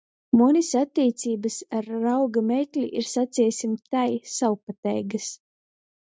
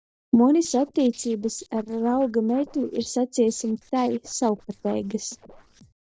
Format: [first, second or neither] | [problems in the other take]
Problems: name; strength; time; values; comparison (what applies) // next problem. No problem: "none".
first | noise reduction (neural separator model SepFormer DNS4)